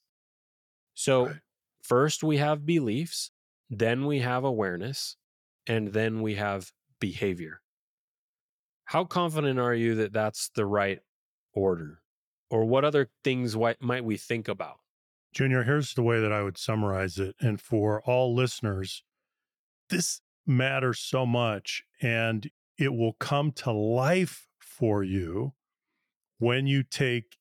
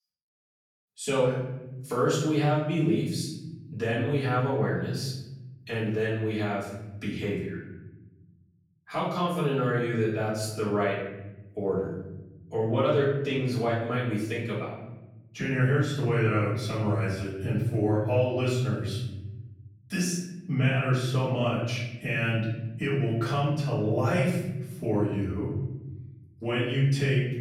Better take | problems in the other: first | off-mic speech; far // room echo; noticeable; dies away in 1.4 s

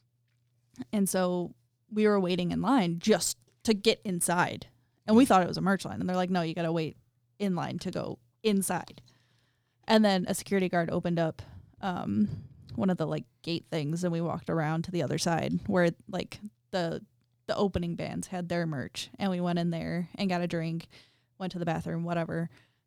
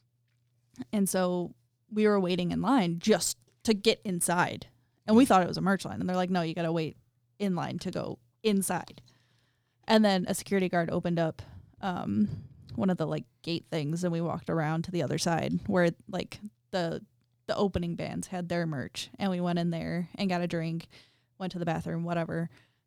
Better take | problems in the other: neither | none

